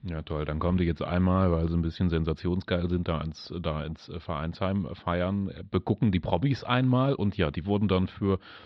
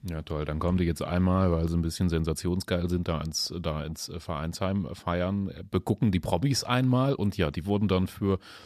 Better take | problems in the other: second | muffled; slightly; fading above 4 kHz

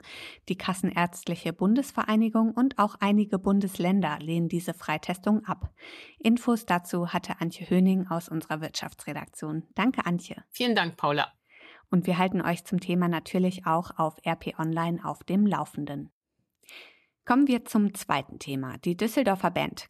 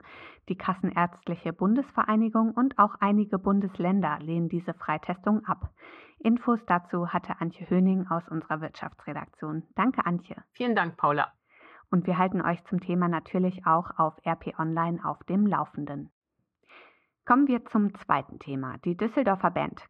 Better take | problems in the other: first | muffled; very; fading above 1.5 kHz

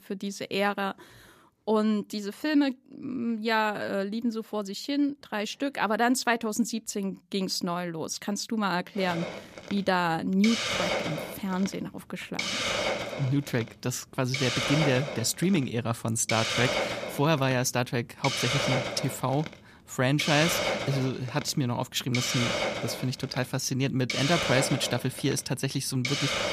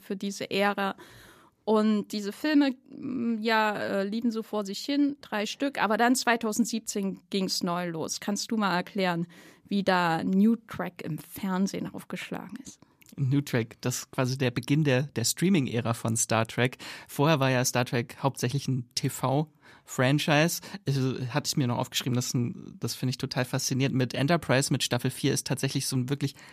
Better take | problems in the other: second | hiss; loud; from 9 s on; 2 dB below the speech

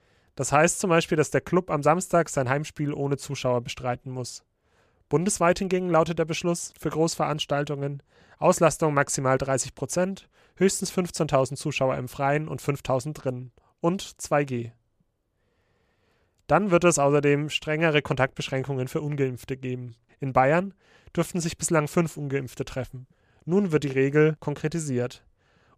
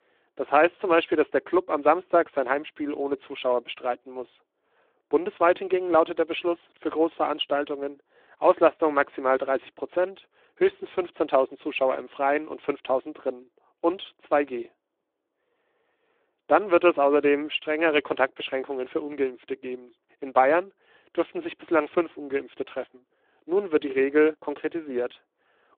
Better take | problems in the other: first | phone-call audio

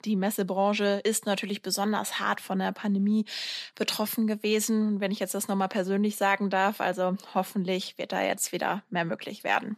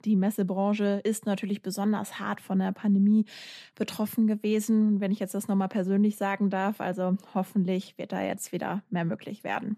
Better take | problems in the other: second | thin; very slightly; fading below 650 Hz

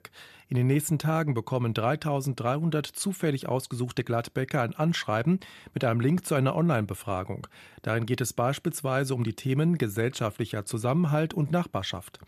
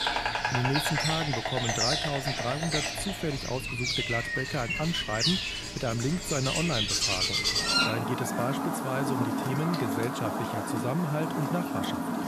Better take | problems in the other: first | animal sounds; very loud; throughout; 3 dB above the speech

